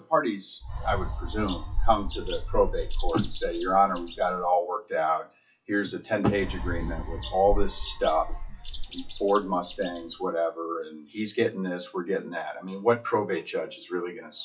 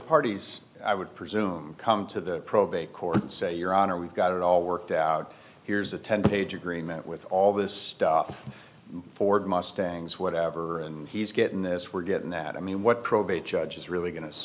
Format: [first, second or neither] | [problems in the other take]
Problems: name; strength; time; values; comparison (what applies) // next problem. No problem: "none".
second | noise reduction (classical method WPE with log-MMSE)